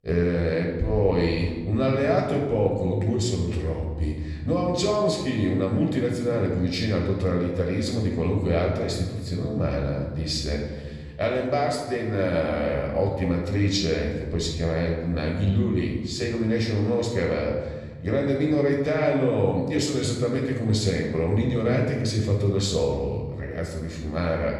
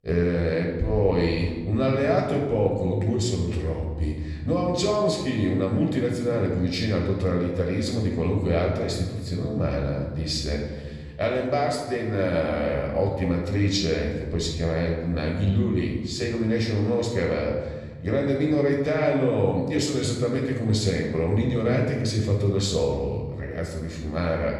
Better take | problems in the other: neither | off-mic speech; somewhat distant; the same in both // room echo; noticeable; dies away in 1.5 s; the same in both

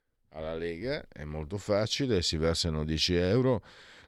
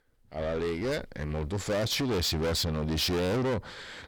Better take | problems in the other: first | distortion; heavy; 6 dB below the speech

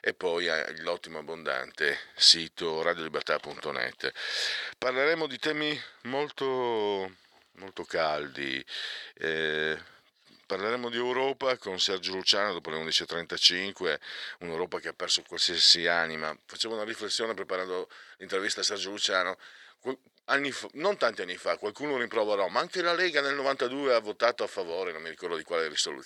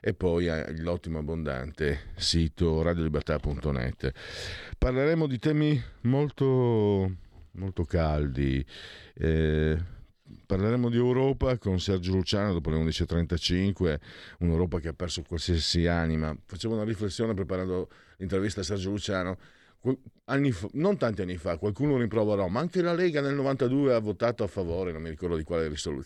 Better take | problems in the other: second | thin; very; fading below 650 Hz

